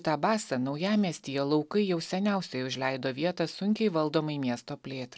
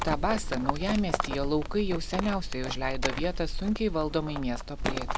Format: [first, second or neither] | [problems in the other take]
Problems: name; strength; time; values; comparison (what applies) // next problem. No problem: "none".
first | background sound (Livestock, farm animals, working animals); 1 dB below the speech